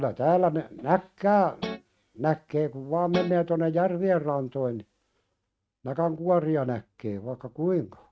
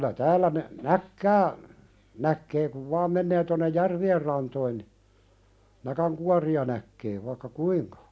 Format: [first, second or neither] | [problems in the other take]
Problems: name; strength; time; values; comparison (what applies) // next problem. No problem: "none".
second | noise reduction (neural mask model RNNoise)